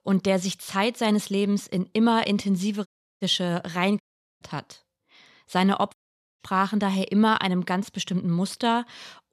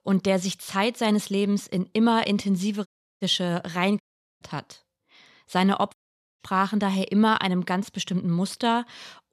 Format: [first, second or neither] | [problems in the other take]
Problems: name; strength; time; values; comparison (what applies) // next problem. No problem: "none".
neither | audio cutting out; at 3 s, at 4 s and at 6 s; the same in both